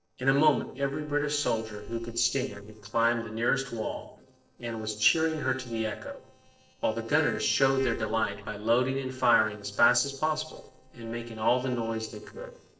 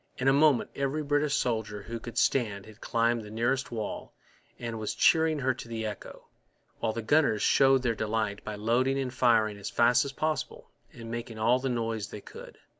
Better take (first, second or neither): second